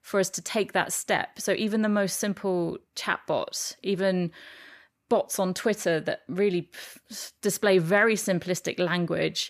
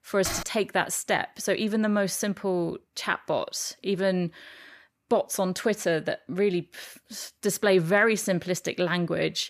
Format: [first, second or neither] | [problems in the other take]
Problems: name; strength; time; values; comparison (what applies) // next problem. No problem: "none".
first | keyboard typing; noticeable; at 0.5 s; peak 6 dB below the speech